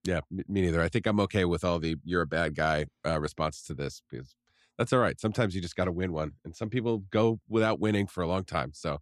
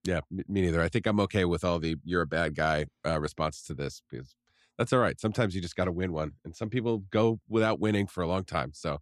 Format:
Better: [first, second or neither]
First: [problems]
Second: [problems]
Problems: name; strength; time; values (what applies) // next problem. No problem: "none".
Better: neither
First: none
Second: none